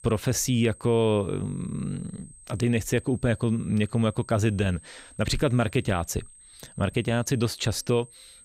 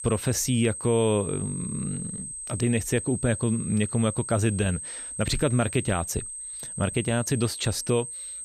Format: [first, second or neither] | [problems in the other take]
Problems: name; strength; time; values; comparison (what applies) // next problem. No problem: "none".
first | high-pitched whine; loud; throughout; 8.5 kHz, 7 dB below the speech; faint in the first